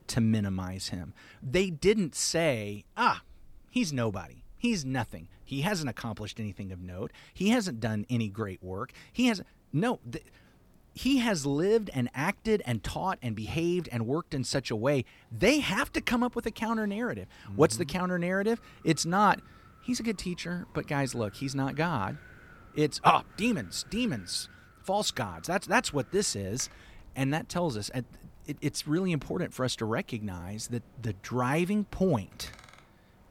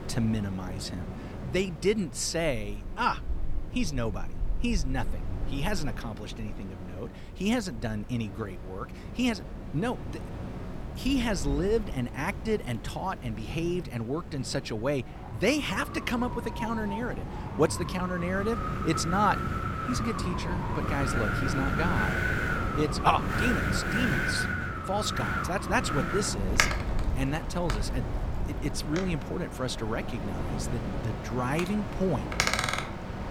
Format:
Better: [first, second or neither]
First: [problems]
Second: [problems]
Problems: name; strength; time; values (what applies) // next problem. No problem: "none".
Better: first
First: wind in the background; faint; throughout; 25 dB below the speech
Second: wind in the background; loud; throughout; 2 dB below the speech